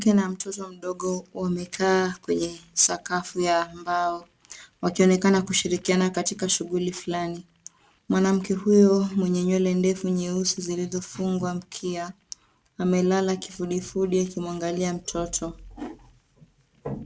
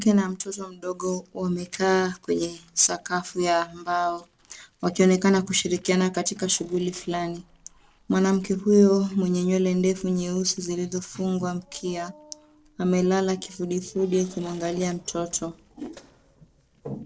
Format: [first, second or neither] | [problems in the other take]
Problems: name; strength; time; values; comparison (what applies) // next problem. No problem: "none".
first | noise reduction (neural separator model SepFormer DNS4)